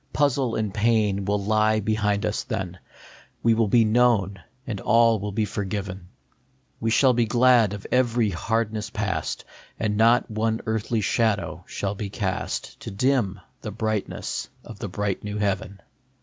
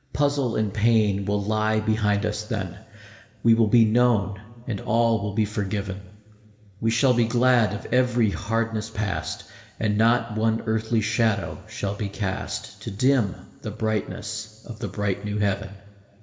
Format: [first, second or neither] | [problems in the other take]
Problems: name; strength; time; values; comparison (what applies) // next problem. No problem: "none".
first | room echo; dies away in 2.8 s